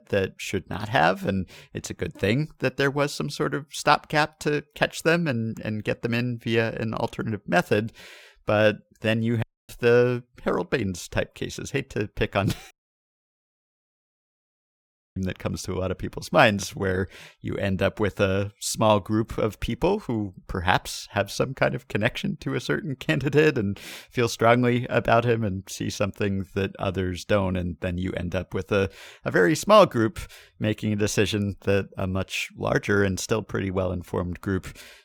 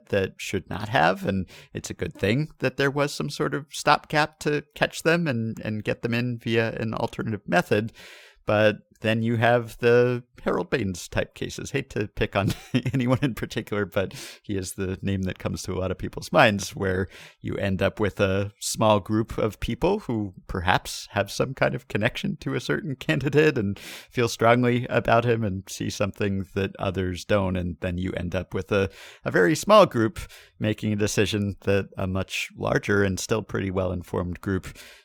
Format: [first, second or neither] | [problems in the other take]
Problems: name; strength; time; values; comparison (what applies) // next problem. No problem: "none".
second | audio cutting out; at 9.5 s and at 13 s for 2.5 s